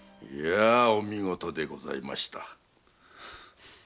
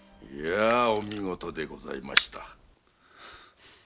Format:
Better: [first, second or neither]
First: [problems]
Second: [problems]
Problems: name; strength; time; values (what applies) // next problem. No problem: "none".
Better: first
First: none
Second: background sound (Camera); 4 dB below the speech